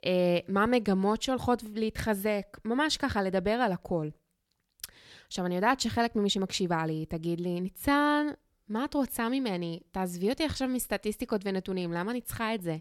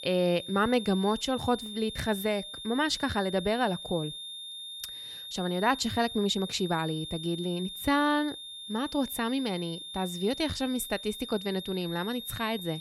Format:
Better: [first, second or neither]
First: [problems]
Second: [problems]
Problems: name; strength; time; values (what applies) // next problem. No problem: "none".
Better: first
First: none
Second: high-pitched whine; loud; throughout; 3.5 kHz, 9 dB below the speech